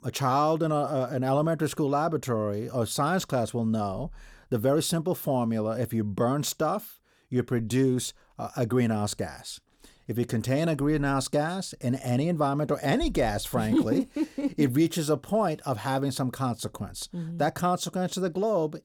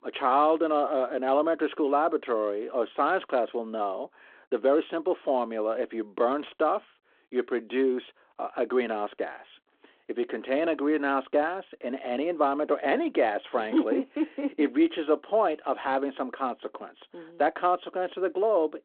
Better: first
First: none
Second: phone-call audio

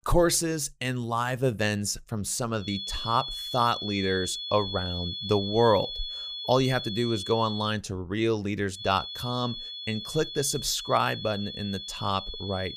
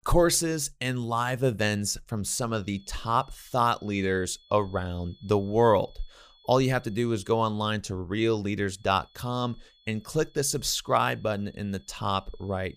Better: second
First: high-pitched whine; loud; from 2.5 to 7.5 s and from 9 s on; 3.5 kHz, 6 dB below the speech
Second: high-pitched whine; faint; from 2.5 to 7.5 s and from 9 s on; 3.5 kHz, 30 dB below the speech

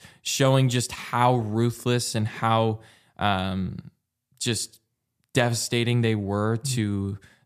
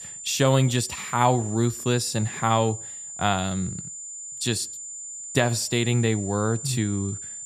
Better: first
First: none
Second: high-pitched whine; loud; throughout; 7 kHz, 10 dB below the speech

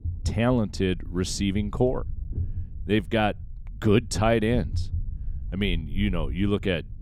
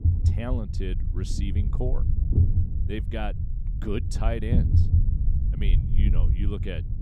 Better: first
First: low rumble; faint; throughout; 25 dB below the speech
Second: low rumble; loud; throughout; 4 dB below the speech

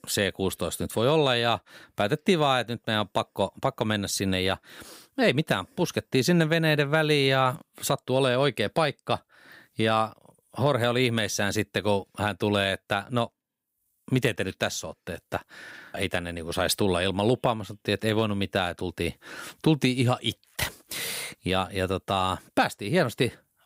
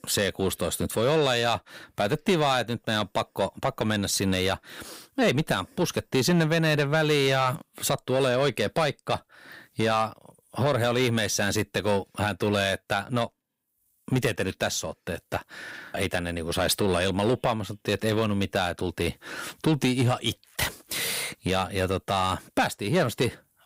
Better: first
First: none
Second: distortion; slight; 10 dB below the speech

